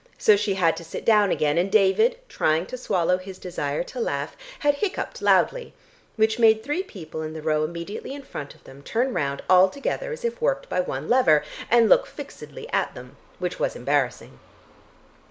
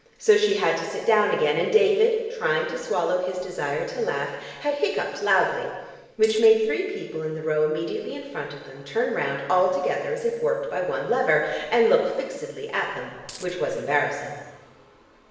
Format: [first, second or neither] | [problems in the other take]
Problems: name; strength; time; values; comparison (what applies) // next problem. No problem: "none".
first | background sound (Coin (dropping)); 18 dB below the speech // room echo; dies away in 1.2 s